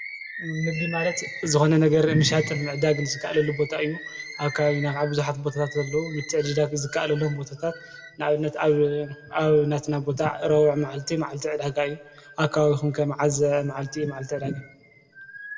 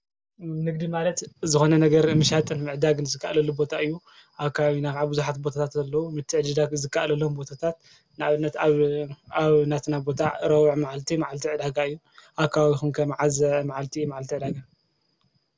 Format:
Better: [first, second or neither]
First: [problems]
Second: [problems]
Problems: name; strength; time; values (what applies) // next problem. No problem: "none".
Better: second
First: background sound (Bird); 15 dB below the speech // room echo; dies away in 1 s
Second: none